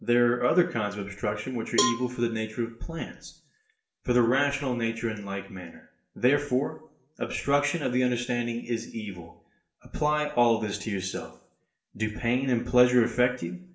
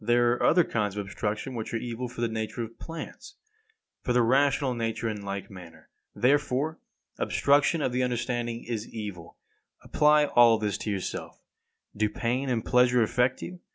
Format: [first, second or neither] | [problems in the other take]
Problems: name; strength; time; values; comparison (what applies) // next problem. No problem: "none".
second | background sound (Cowbell); 6 dB below the speech // room echo; dies away in 0.5 s